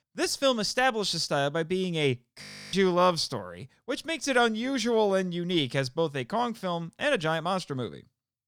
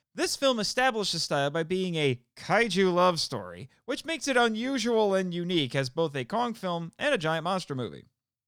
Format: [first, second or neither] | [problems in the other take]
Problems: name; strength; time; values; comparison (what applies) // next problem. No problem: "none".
second | audio freezing; at 2.5 s